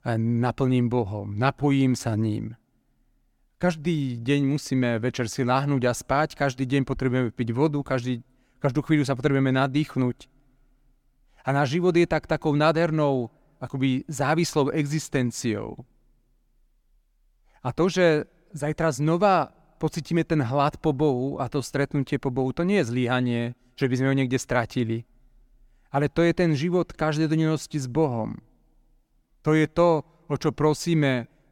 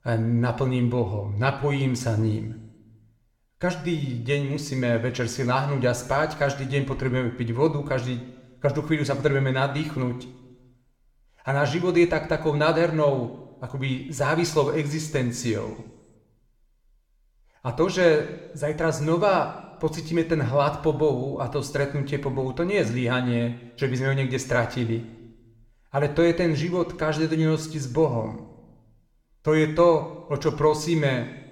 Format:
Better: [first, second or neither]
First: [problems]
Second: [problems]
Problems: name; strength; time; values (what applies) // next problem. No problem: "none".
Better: first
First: none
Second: room echo; very slight; dies away in 0.8 s